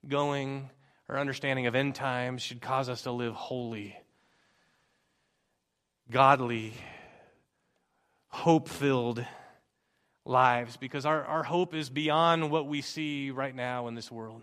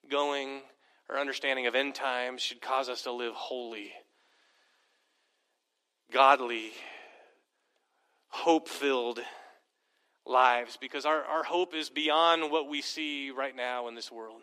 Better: first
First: none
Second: thin; somewhat; fading below 300 Hz

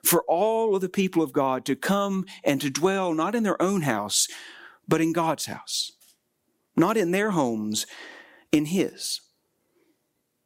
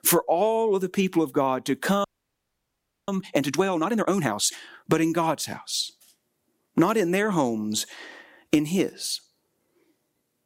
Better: first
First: none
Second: audio freezing; at 2 s for 1 s

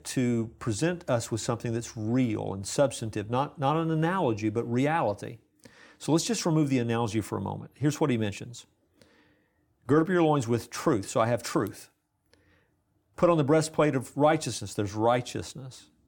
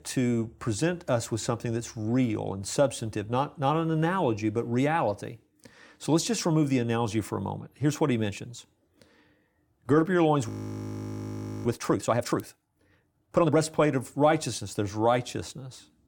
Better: first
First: none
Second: audio freezing; at 10 s for 1 s

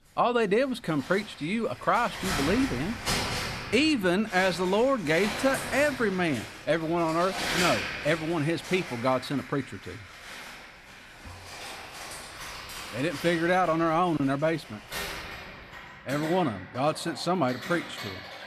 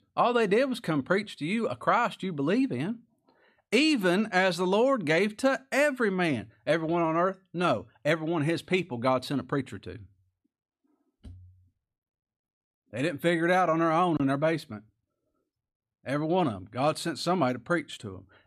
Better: second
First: household noises; loud; throughout; 8 dB below the speech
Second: none

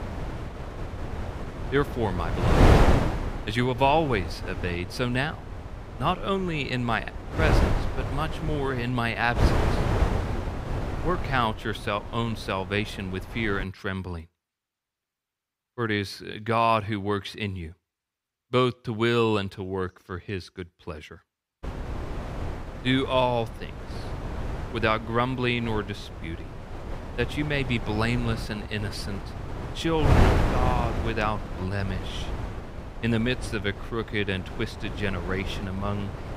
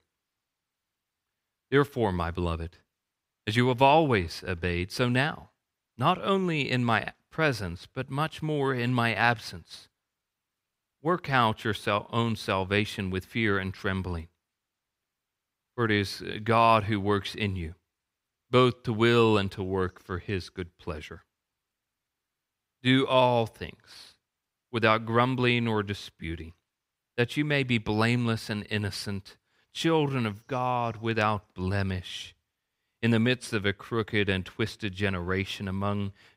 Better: second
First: wind noise on the microphone; heavy; until 14 s and from 22 s on; 6 dB below the speech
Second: none

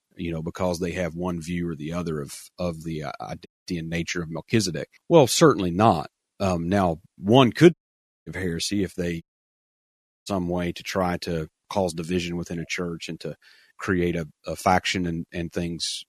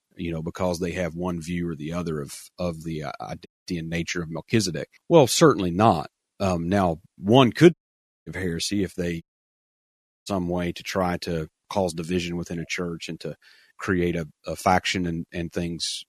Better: neither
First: audio cutting out; at 3.5 s, at 7.5 s for 0.5 s and at 9 s for 1 s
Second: audio cutting out; at 3.5 s, at 7.5 s for 0.5 s and at 9 s for 1 s

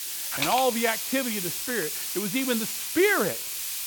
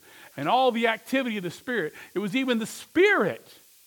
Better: second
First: hiss; loud; throughout; 2 dB below the speech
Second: hiss; faint; throughout; 25 dB below the speech

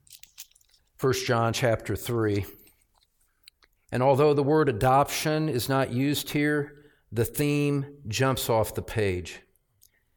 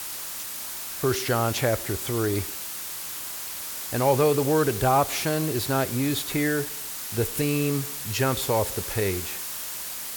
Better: first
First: none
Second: hiss; loud; throughout; 6 dB below the speech

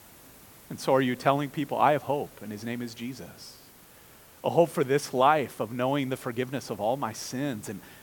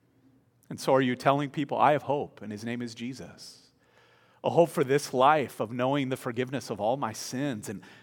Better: second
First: hiss; faint; throughout; 25 dB below the speech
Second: none

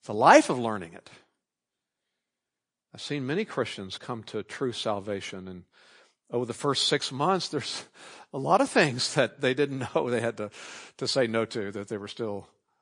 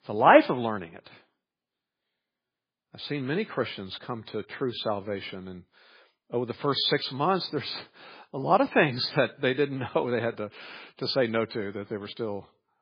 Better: first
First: garbled, watery; slightly; nothing above 10 kHz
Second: garbled, watery; badly; nothing above 4.5 kHz

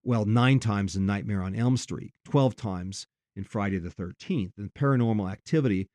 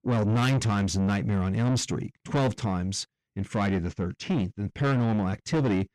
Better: first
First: none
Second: distortion; heavy; 7 dB below the speech

